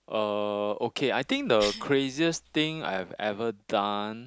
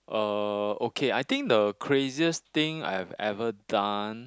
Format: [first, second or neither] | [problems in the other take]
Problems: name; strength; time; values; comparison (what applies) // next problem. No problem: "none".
second | background sound (Cough); 15 dB below the speech